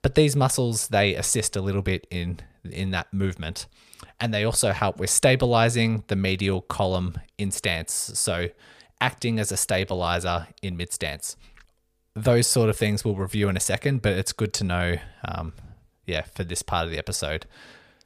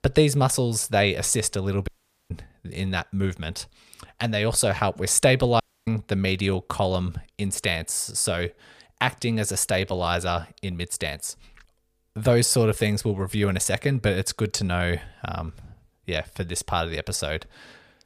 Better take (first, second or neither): first